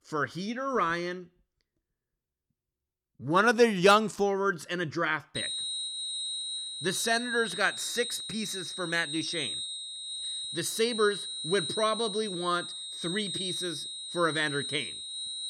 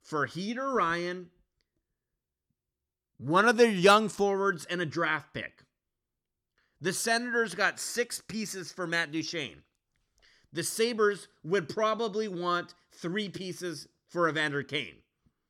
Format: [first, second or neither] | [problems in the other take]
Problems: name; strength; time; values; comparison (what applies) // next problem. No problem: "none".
second | high-pitched whine; loud; from 5.5 s on; 4 kHz, 5 dB below the speech